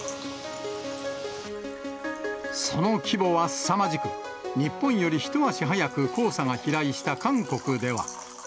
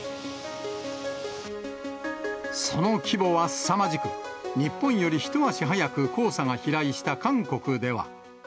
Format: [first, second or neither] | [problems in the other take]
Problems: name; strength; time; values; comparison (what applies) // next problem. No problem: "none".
second | background sound (Water / Liquid); 20 dB below the speech